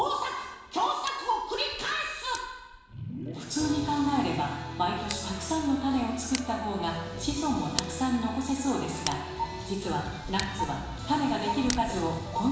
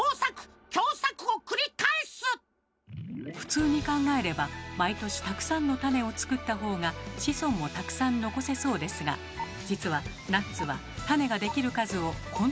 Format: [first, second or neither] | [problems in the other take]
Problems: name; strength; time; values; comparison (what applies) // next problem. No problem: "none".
second | background sound (Tick); 14 dB below the speech // room echo; dies away in 1 s